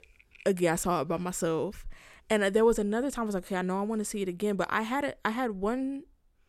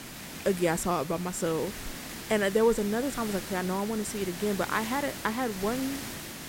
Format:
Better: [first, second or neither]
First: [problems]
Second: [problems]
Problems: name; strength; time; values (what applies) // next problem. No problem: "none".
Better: first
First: none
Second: hiss; loud; throughout; 9 dB below the speech